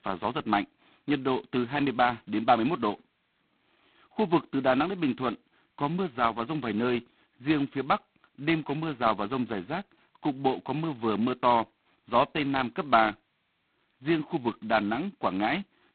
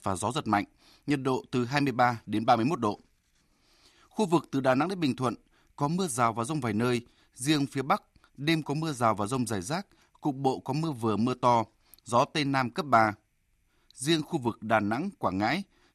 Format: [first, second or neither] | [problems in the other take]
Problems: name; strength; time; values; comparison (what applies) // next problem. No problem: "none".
second | phone-call audio; poor line; nothing above 4 kHz